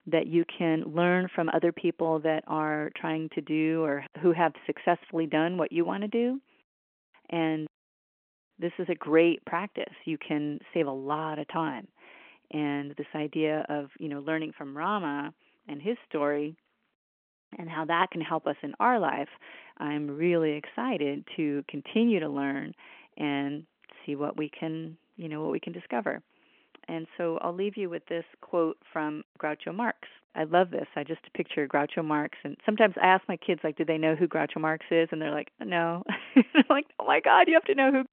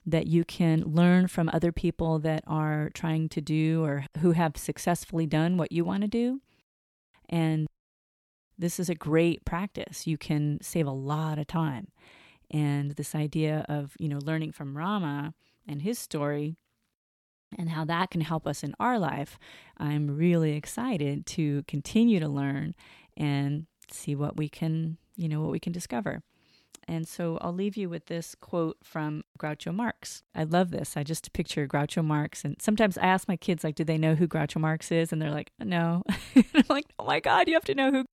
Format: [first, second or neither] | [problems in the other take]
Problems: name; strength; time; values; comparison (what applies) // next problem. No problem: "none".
second | phone-call audio